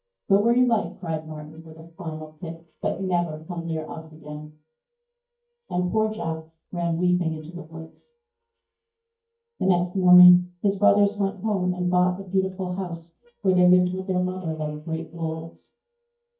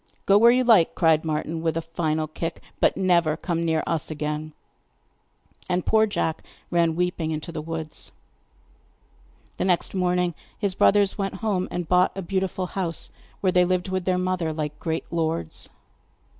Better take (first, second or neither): second